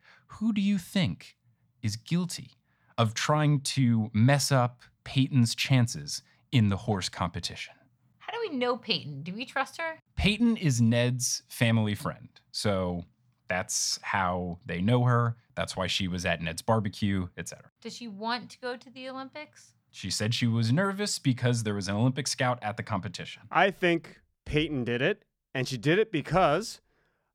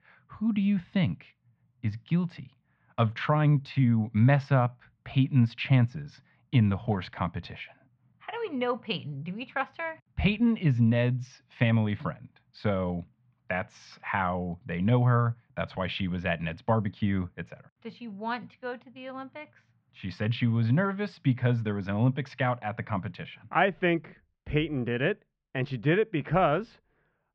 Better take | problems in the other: first | muffled; very; fading above 3 kHz

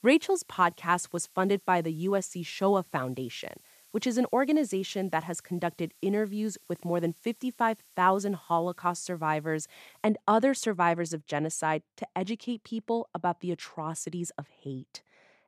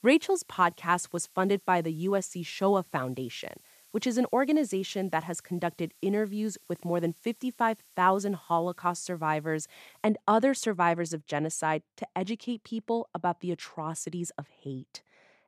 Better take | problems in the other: neither | hiss; faint; until 10 s; 25 dB below the speech; the same in both

